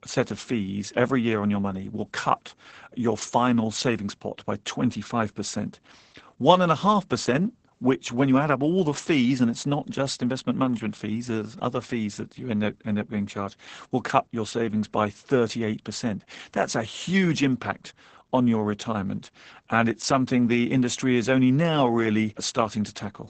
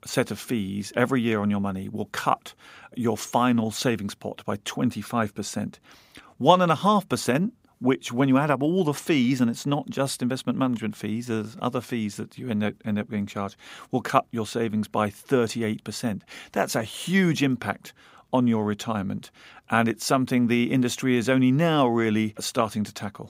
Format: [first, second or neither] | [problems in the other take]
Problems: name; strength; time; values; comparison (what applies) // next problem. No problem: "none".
second | garbled, watery; badly; nothing above 8 kHz